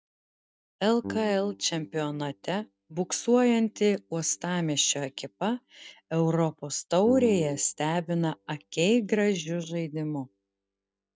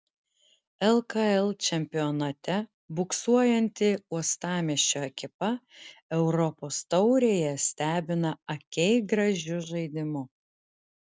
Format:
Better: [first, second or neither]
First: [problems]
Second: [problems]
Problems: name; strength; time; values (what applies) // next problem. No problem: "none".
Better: second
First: noise reduction (neural mask model DeepFilterNet 3)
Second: none